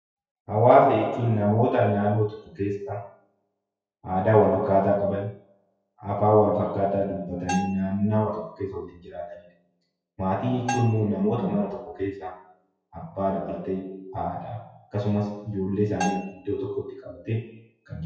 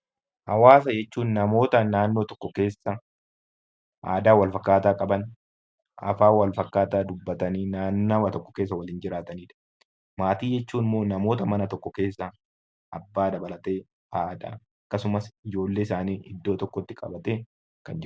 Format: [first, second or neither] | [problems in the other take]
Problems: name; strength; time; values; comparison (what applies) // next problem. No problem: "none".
second | noise reduction (classical method WPE with log-MMSE)